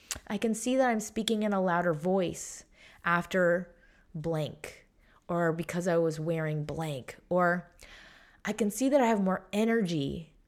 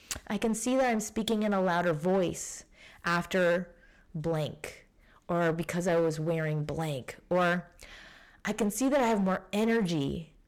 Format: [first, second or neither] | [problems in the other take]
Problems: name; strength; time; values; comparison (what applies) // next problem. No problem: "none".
first | distortion; slight; 8% of the sound clipped